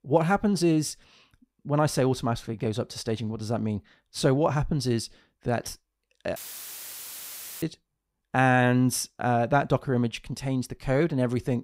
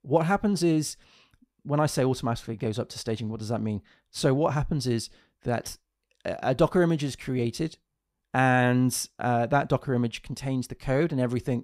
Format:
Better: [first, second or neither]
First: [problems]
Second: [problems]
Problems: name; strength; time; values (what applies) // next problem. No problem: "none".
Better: second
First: audio cutting out; filled with static; at 6.5 s for 1.5 s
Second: none